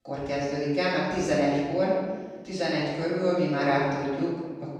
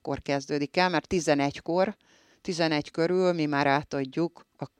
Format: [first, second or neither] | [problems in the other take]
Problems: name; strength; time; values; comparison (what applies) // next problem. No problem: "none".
second | room echo; strong; dies away in 1.2 s // off-mic speech; far